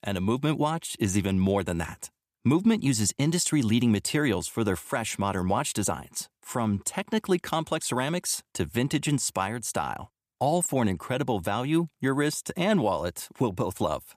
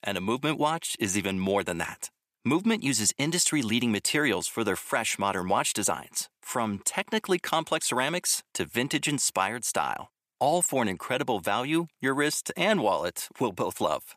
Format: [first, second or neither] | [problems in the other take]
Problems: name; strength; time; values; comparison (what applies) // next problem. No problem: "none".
first | thin; very slightly; fading below 850 Hz